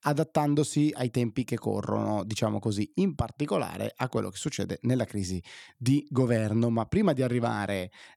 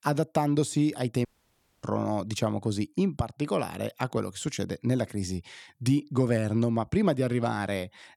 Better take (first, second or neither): first